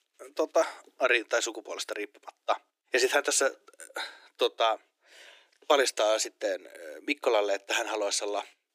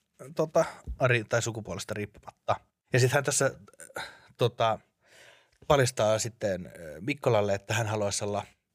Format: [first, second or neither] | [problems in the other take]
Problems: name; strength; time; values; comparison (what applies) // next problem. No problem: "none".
second | thin; very; fading below 300 Hz